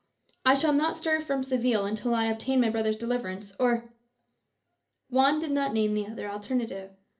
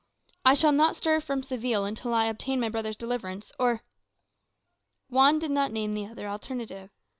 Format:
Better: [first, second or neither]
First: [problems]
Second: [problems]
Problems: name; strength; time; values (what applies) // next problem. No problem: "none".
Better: second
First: room echo; dies away in 0.3 s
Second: none